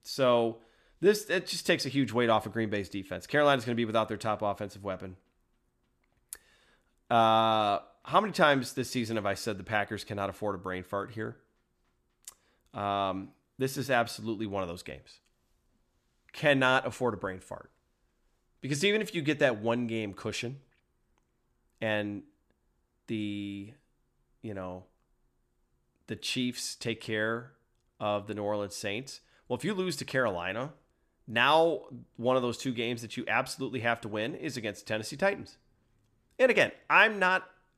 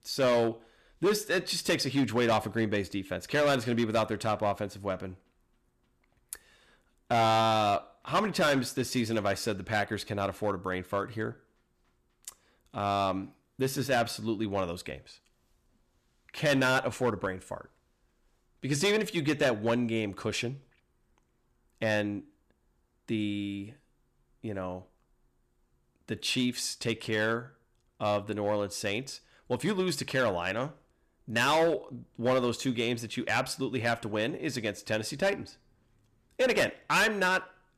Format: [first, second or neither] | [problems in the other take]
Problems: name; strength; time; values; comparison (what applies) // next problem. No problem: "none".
first | distortion; heavy; 4% of the sound clipped